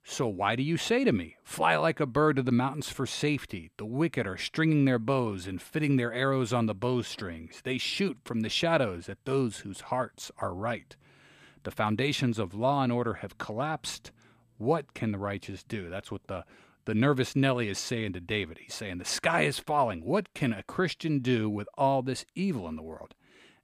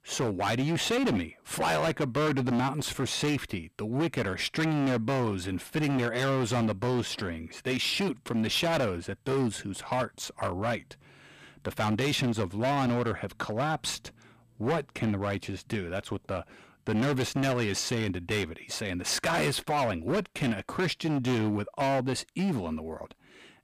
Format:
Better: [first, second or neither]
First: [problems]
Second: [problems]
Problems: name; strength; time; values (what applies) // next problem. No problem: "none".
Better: first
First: none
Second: distortion; heavy; 16% of the sound clipped